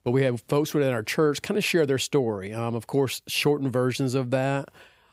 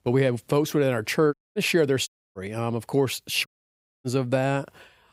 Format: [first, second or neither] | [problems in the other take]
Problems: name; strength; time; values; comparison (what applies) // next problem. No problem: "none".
first | audio cutting out; at 1.5 s, at 2 s and at 3.5 s for 0.5 s